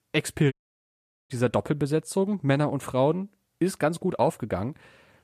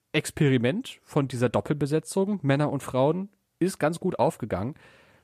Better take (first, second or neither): second